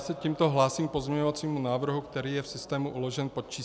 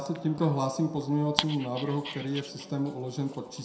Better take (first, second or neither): first